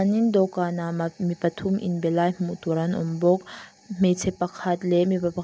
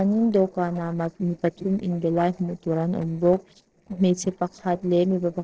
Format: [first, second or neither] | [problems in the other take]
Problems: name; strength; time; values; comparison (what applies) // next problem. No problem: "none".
first | noise reduction (neural separator model SepFormer DNS4)